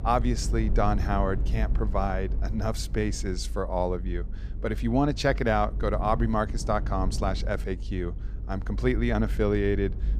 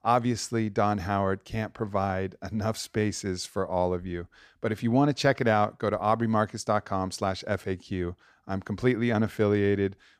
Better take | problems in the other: second | low rumble; noticeable; throughout; 20 dB below the speech

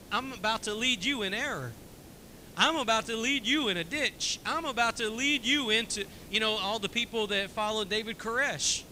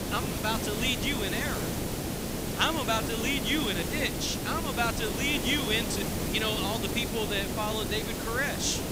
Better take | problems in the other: first | hiss; loud; throughout; 2 dB below the speech; faint in the first

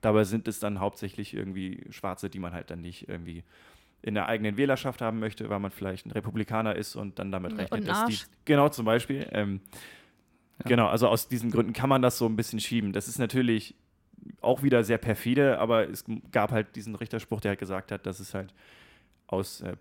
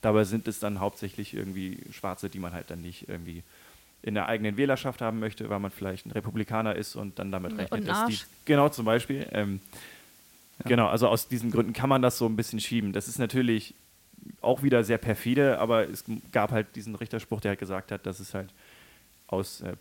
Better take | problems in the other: first | hiss; faint; throughout; 25 dB below the speech

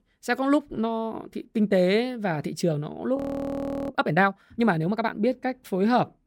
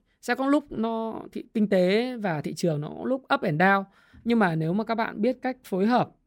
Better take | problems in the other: second | audio freezing; at 3 s for 0.5 s

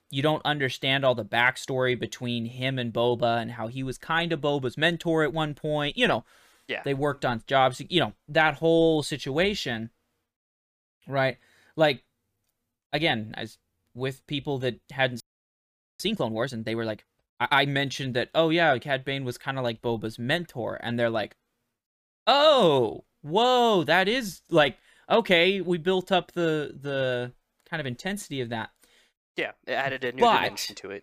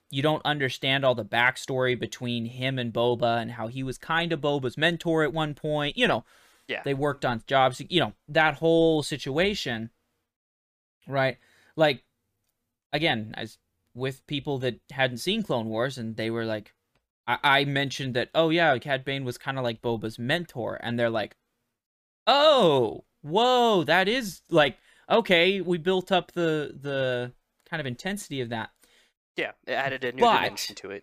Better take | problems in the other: second | audio freezing; at 15 s for 1 s

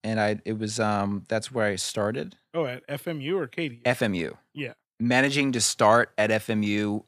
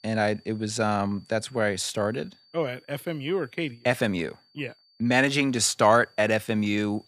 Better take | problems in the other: first | high-pitched whine; faint; throughout; 4.5 kHz, 30 dB below the speech

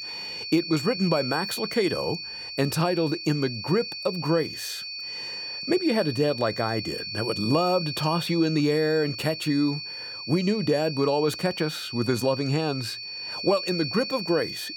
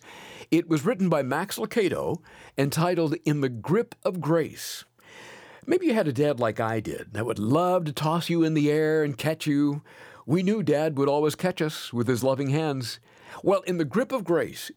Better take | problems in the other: second | high-pitched whine; loud; throughout; 4.5 kHz, 7 dB below the speech

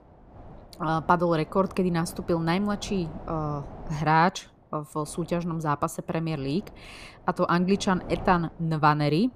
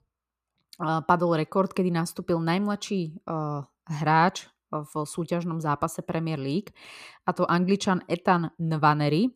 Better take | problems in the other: second | wind noise on the microphone; occasional gusts; 20 dB below the speech

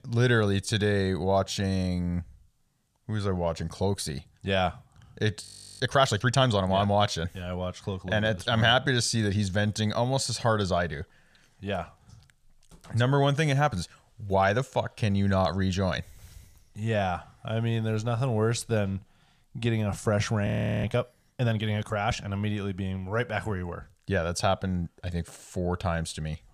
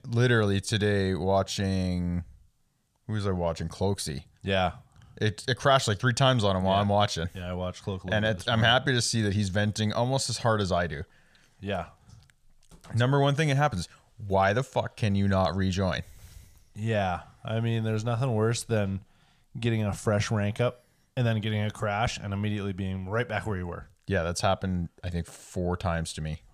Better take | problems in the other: second | audio freezing; at 5.5 s and at 20 s

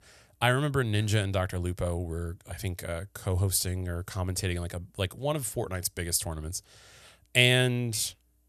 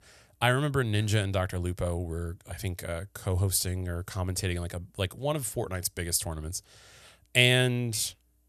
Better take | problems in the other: neither | none

